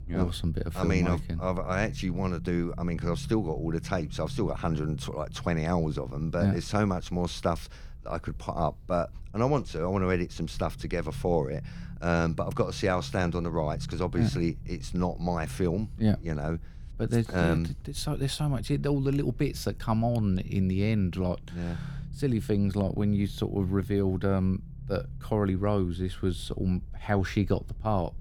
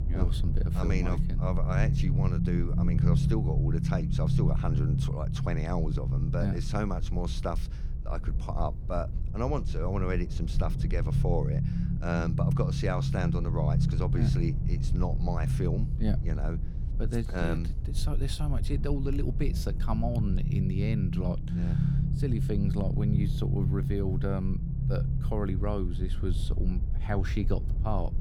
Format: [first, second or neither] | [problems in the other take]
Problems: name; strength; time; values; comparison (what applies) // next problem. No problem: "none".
first | low rumble; loud; throughout; 5 dB below the speech; faint in the first